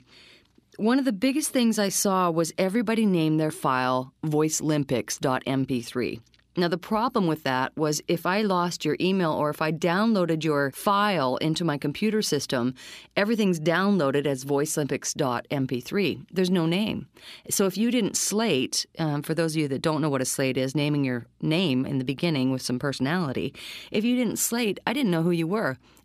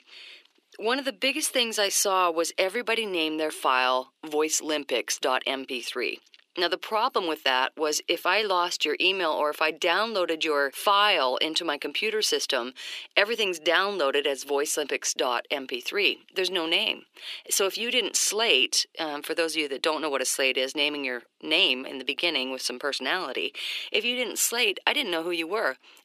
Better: first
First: none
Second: thin; very; fading below 350 Hz

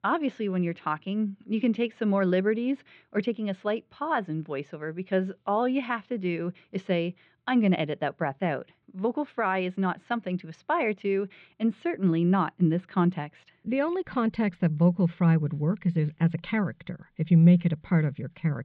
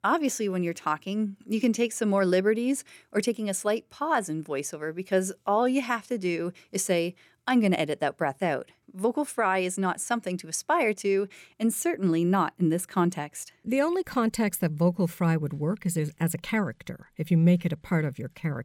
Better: second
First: muffled; very; fading above 3.5 kHz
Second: none

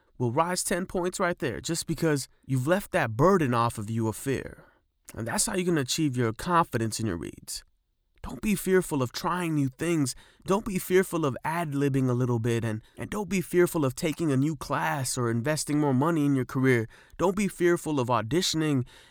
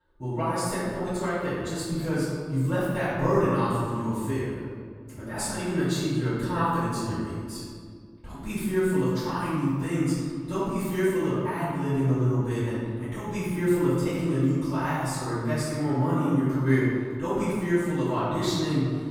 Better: first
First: none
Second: off-mic speech; far // room echo; strong; dies away in 1.9 s

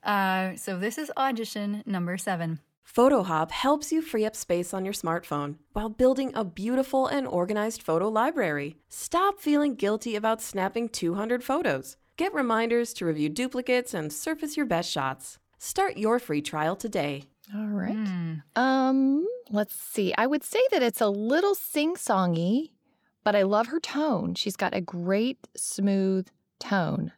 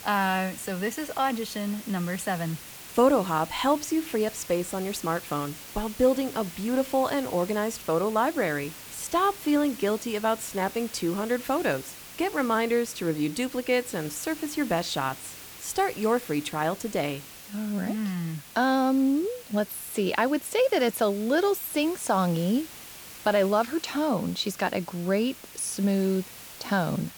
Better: first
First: none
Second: hiss; noticeable; throughout; 15 dB below the speech

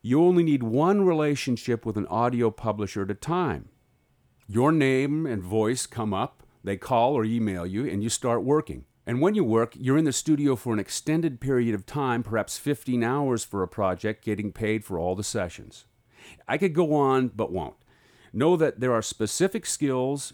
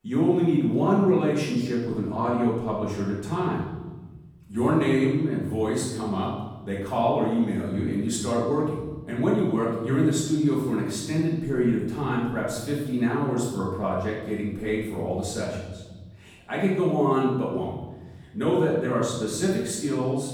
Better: first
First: none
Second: off-mic speech; far // room echo; noticeable; dies away in 1.2 s

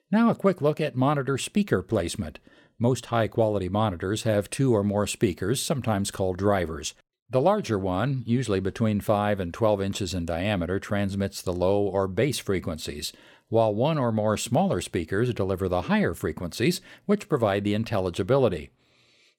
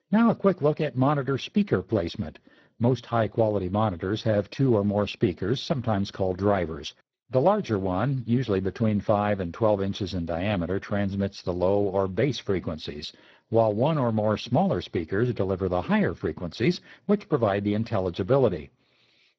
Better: first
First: none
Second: garbled, watery; badly

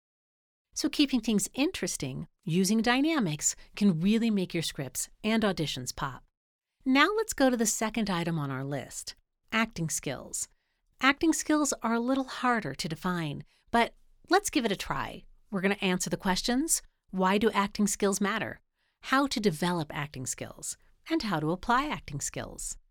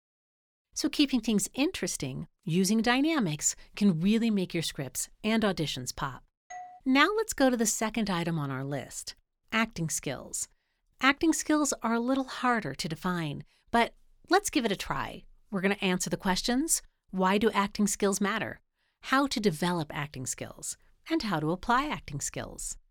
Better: first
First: none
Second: doorbell; faint; at 6.5 s; peak 15 dB below the speech

